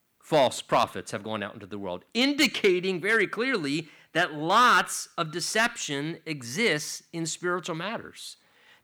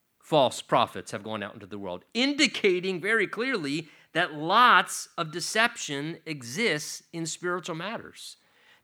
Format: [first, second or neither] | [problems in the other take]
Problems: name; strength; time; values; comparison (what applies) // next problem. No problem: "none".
second | distortion; slight; 1.2% of the sound clipped